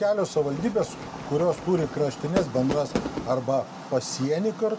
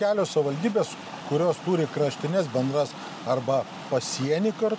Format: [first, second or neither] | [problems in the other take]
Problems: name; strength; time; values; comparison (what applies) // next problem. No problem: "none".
second | background sound (Fireworks); 8 dB below the speech // room echo; dies away in 1 s